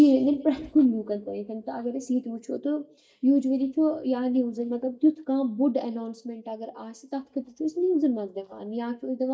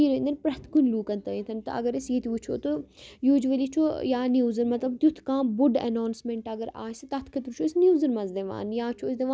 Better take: second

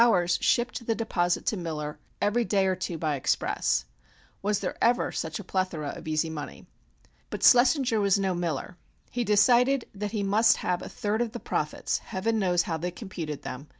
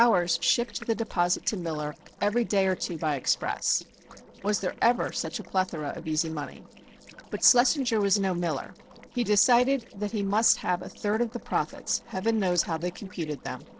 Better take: first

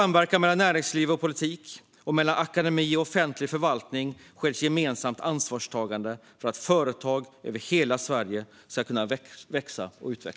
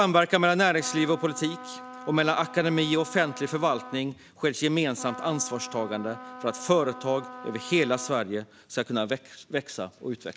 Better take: first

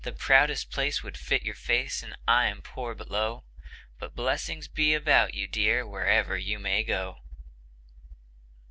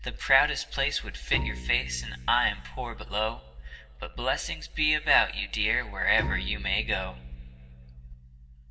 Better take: first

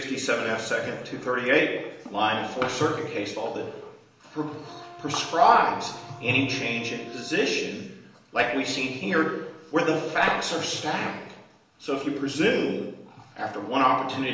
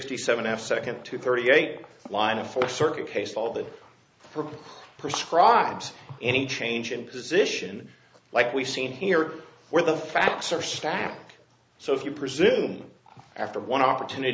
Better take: second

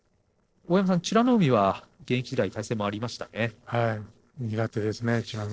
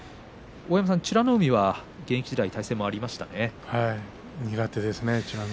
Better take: second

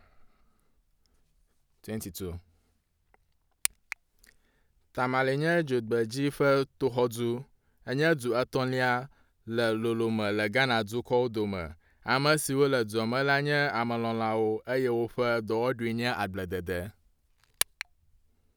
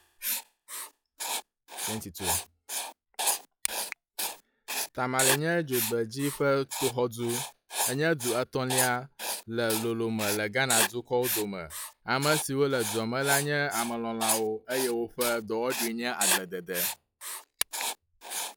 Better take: first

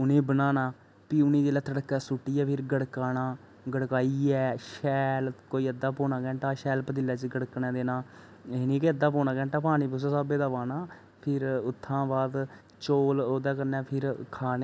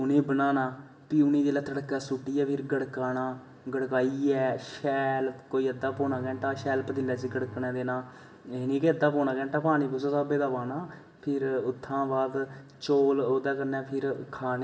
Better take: first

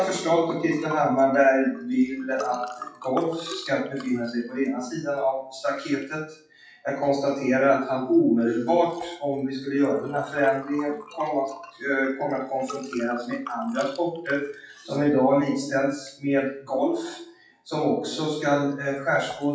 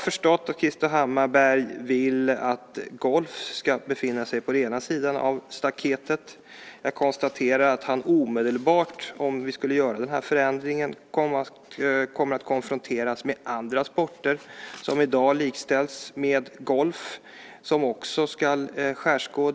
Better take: second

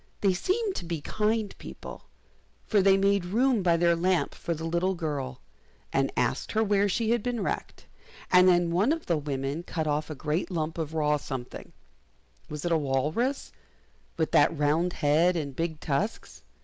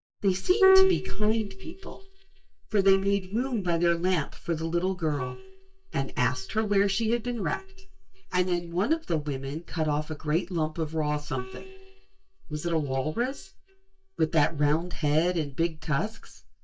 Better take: first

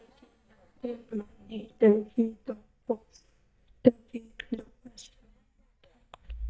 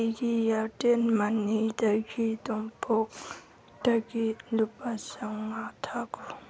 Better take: second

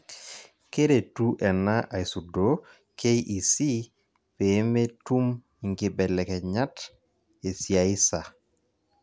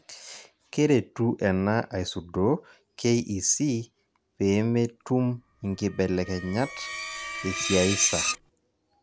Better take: first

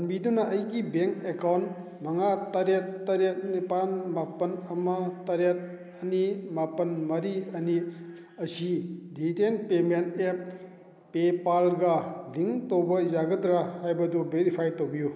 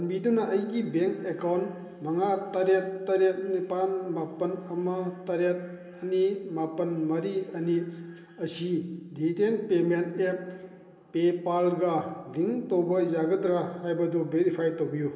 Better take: first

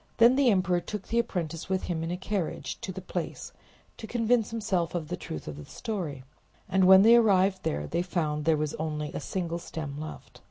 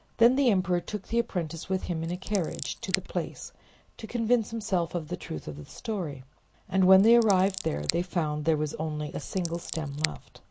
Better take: first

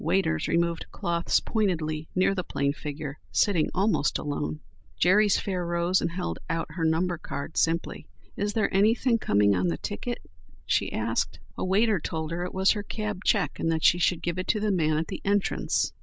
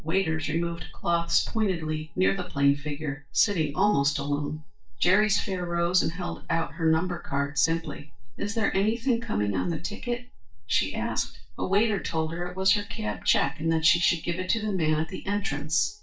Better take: first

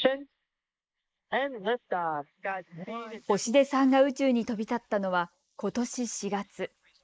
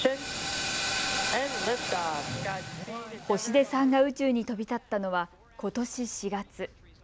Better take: second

